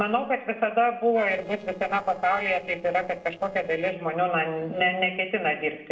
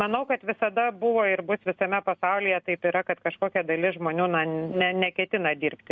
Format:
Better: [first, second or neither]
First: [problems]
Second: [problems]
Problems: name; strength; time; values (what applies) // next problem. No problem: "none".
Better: second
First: noise reduction (neural separator model SepFormer DNS4)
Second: none